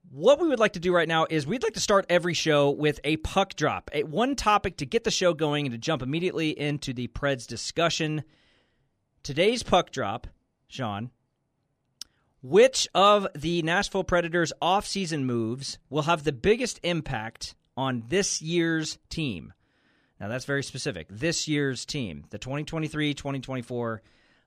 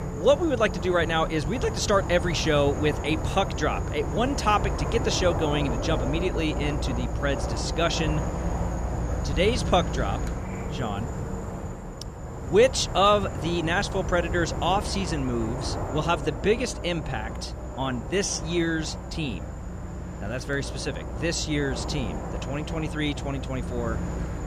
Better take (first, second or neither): first